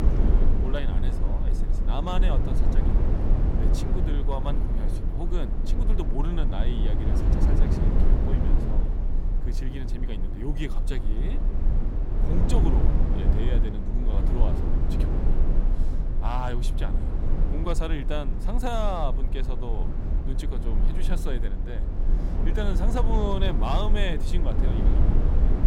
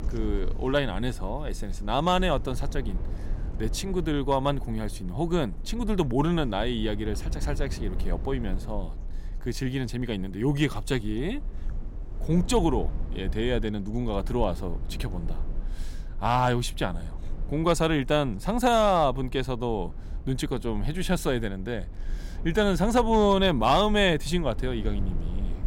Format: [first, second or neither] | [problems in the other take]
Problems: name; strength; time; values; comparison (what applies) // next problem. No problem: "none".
second | low rumble; loud; throughout; 3 dB below the speech; faint in the second